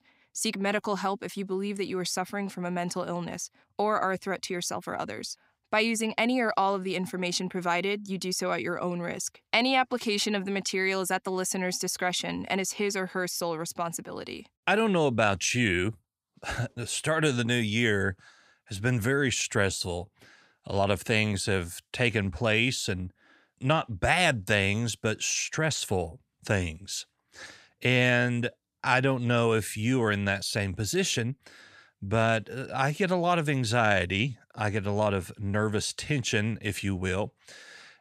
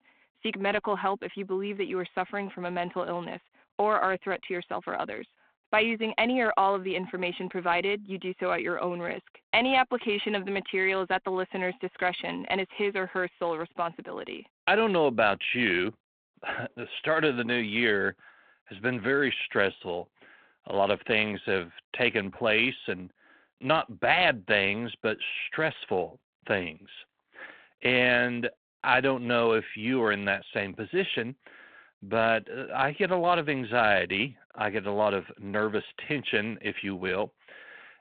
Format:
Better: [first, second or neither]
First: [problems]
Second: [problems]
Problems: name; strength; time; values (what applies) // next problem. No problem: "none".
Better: first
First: none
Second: phone-call audio